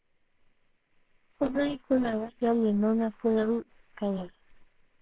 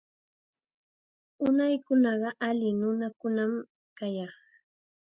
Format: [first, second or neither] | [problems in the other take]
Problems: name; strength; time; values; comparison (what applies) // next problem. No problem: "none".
second | noise reduction (neural separator model SepFormer WHAMR!)